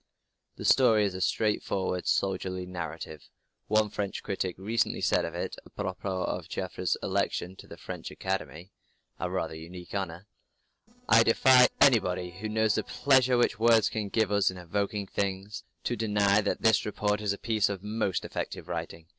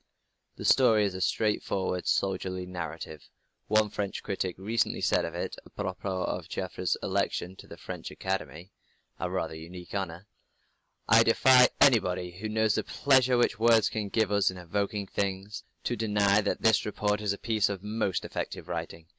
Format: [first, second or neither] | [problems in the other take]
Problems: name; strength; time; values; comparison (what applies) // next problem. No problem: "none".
second | noise reduction (neural separator model SepFormer DNS4)